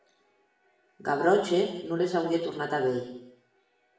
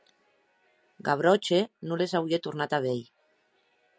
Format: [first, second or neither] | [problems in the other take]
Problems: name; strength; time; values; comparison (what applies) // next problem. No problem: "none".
second | room echo; dies away in 0.8 s